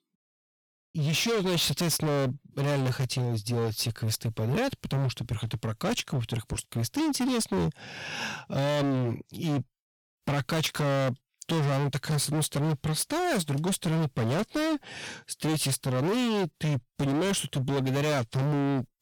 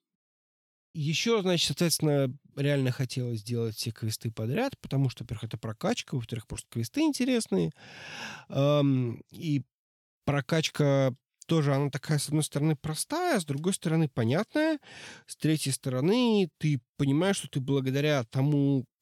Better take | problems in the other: second | distortion; heavy; 27% of the sound clipped

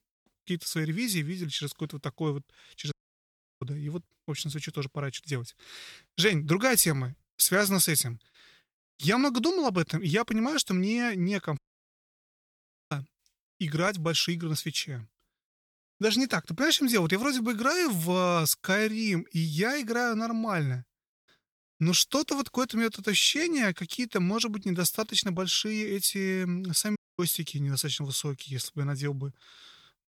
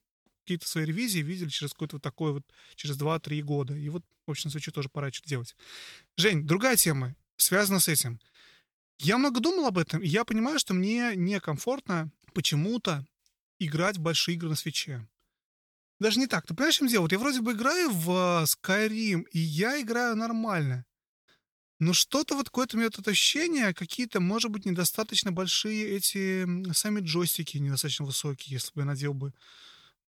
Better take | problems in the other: second | audio cutting out; at 3 s for 0.5 s, at 12 s for 1.5 s and at 27 s

